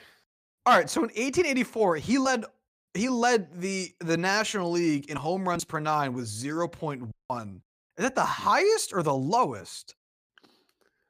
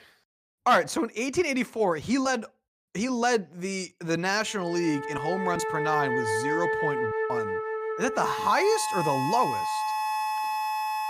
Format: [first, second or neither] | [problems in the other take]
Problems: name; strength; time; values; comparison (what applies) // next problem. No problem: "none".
first | background music; loud; from 5 s on; 2 dB below the speech